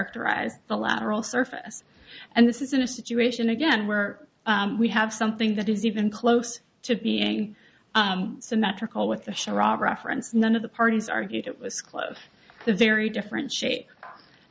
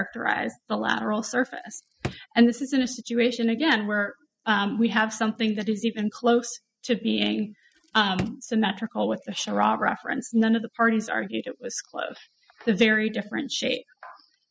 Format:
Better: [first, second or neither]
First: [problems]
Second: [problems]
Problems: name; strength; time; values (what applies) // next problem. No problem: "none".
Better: first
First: none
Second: noise reduction (classical method spectral subtraction)